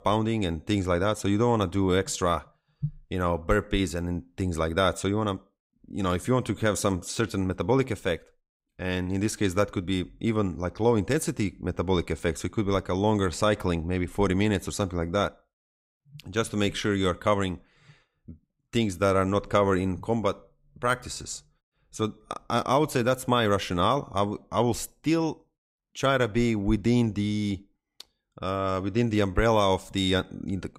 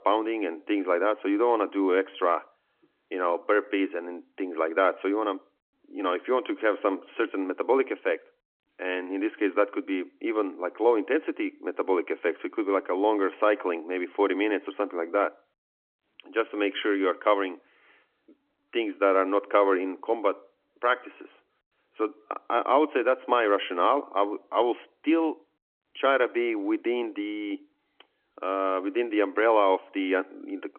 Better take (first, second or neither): first